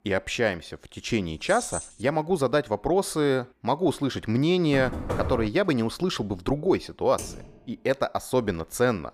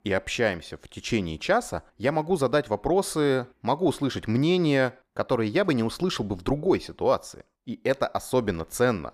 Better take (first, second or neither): second